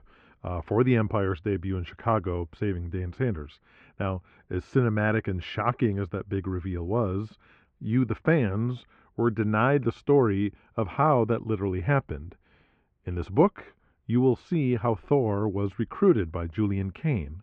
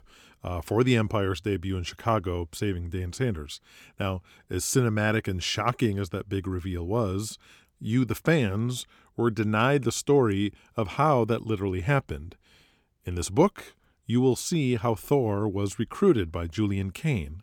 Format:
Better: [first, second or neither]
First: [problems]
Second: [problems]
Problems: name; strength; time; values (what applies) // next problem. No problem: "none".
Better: second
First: muffled; very; fading above 2 kHz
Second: none